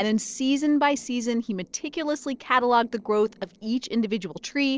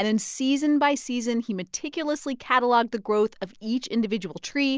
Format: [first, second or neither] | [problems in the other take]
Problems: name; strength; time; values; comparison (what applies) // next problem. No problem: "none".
second | noise reduction (neural separator model SepFormer DNS4)